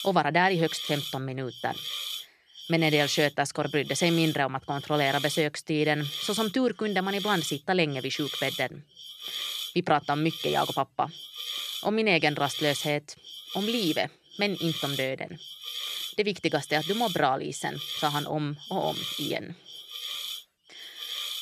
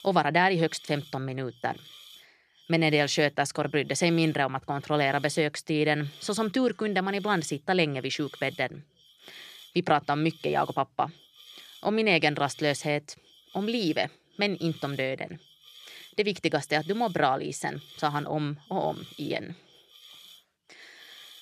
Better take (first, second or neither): second